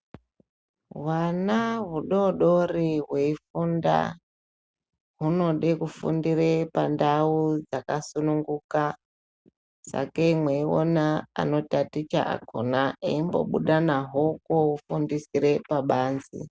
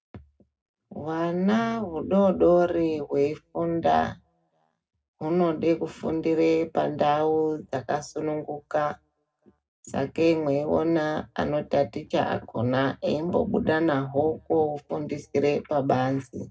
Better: first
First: none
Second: room echo; dies away in 0.2 s

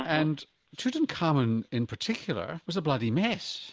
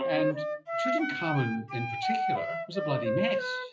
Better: first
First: none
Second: noise reduction (classical method WPE with log-MMSE)

